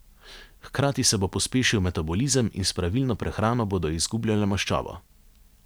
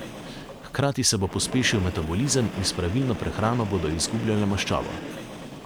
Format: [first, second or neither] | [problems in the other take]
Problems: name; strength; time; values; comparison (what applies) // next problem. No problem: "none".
first | background sound (Train); 10 dB below the speech